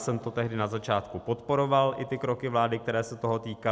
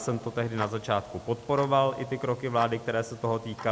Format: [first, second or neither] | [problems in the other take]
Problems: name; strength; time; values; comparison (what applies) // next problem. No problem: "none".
first | background sound (Tick-tock); 17 dB below the speech